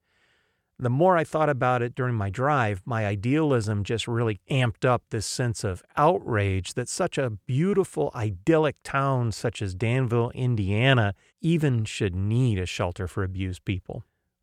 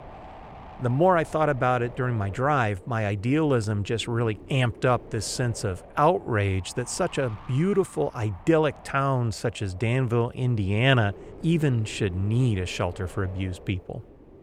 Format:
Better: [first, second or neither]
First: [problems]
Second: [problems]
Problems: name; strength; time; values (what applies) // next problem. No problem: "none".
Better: first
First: none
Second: wind noise on the microphone; occasional gusts; 20 dB below the speech